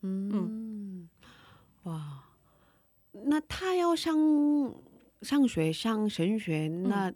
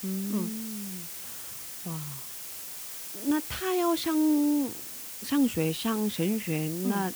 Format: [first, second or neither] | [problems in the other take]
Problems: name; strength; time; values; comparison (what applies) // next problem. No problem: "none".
first | hiss; loud; throughout; 8 dB below the speech